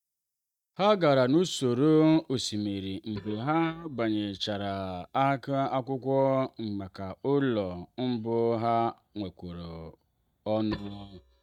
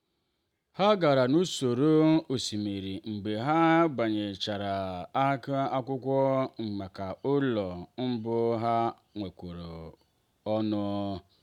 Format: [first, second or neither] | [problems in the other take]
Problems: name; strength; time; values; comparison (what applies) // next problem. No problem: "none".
second | noise reduction (neural mask model DeepFilterNet 3)